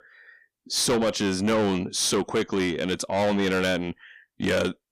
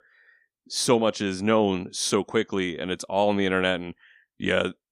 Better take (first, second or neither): second